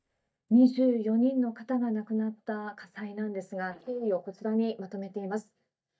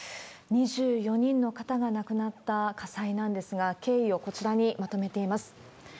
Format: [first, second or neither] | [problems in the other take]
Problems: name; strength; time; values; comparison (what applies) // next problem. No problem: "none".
second | noise reduction (neural mask model DeepFilterNet 3)